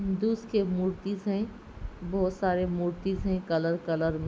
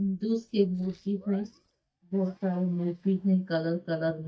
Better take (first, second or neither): first